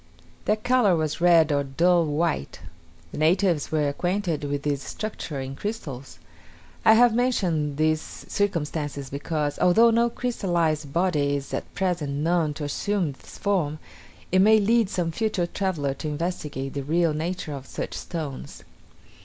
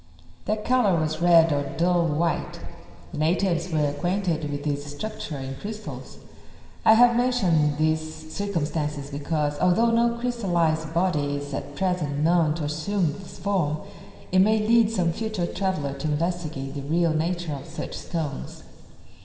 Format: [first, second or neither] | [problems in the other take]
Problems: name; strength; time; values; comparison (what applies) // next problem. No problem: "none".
first | room echo; dies away in 2.6 s